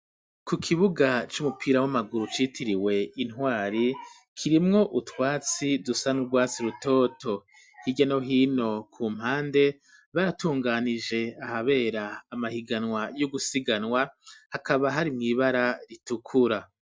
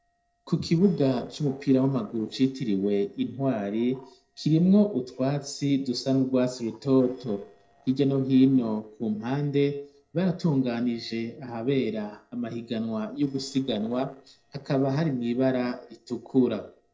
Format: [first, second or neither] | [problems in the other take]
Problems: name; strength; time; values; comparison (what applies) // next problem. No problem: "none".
first | noise reduction (neural separator model SepFormer DNS4)